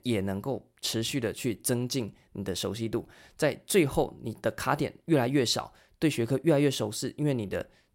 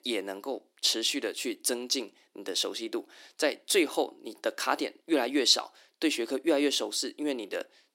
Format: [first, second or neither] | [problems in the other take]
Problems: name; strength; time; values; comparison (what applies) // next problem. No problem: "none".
first | thin; very slightly; fading below 300 Hz